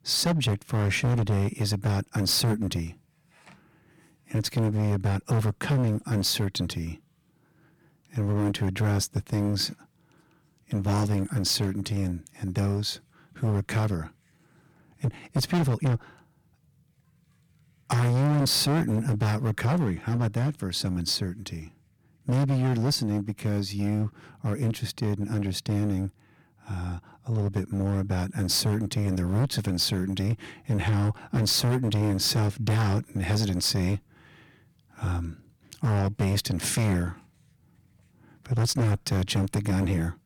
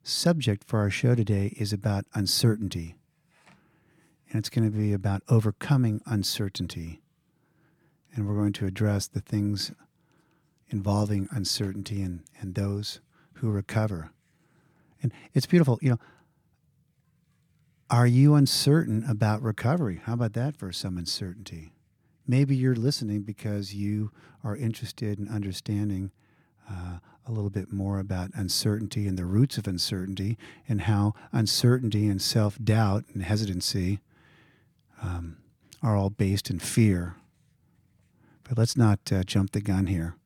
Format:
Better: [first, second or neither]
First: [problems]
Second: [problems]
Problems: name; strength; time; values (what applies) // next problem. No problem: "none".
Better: second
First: distortion; heavy; 13% of the sound clipped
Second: none